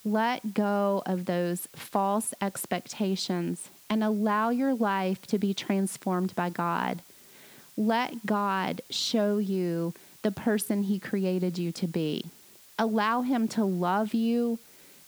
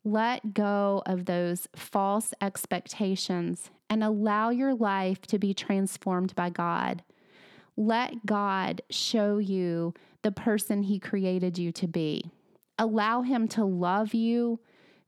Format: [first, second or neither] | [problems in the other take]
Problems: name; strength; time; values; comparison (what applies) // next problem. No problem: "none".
second | hiss; faint; throughout; 25 dB below the speech